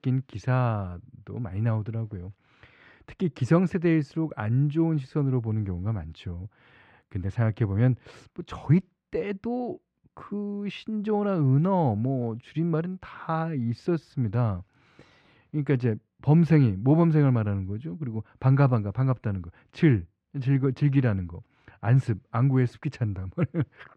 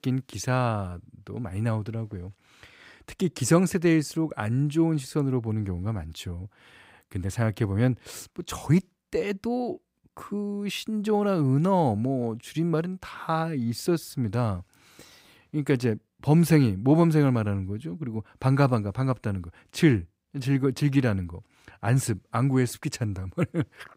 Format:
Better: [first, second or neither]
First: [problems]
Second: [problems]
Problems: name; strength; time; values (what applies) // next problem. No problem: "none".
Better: second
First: muffled; slightly; fading above 2.5 kHz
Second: none